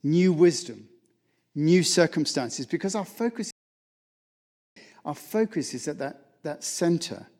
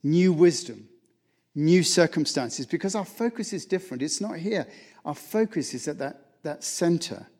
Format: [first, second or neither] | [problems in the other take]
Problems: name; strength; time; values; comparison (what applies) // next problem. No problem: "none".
second | audio cutting out; at 3.5 s for 1.5 s